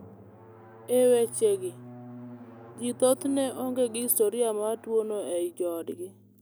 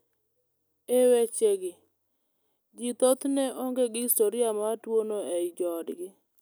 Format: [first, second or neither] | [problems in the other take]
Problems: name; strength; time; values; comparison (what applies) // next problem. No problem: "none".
second | background sound (Drum); 19 dB below the speech